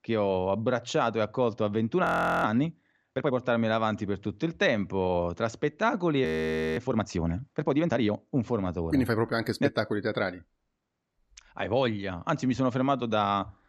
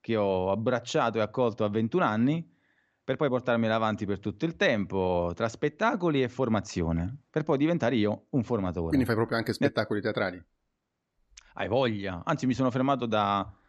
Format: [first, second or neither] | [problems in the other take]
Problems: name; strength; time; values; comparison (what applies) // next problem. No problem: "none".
second | audio freezing; at 2 s and at 6.5 s for 0.5 s